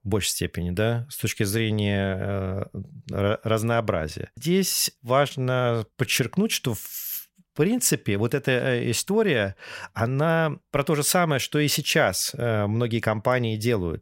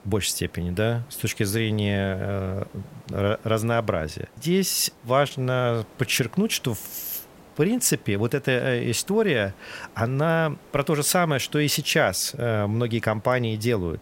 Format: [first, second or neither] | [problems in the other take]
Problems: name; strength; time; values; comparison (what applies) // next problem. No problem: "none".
first | hiss; faint; throughout; 25 dB below the speech